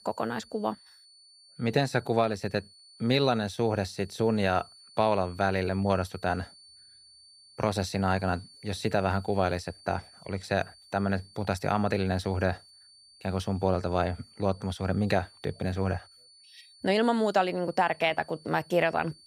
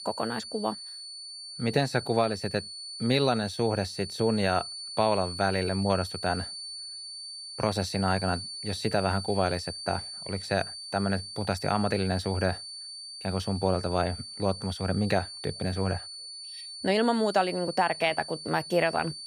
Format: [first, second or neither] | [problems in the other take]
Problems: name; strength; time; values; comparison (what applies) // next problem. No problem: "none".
first | high-pitched whine; loud; throughout; 4.5 kHz, 9 dB below the speech; faint in the first